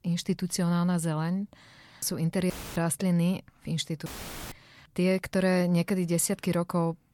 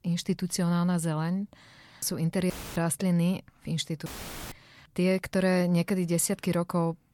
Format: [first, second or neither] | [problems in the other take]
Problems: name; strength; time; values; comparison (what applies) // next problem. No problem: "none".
neither | audio cutting out; filled with static; at 2.5 s and at 4 s; the same in both